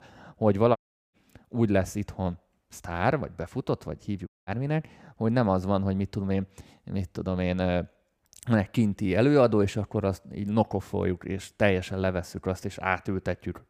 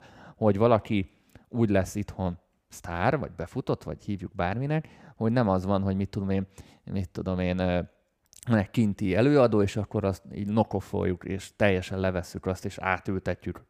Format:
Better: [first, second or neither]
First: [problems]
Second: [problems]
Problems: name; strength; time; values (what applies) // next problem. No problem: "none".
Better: second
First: audio cutting out; at 1 s and at 4.5 s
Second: none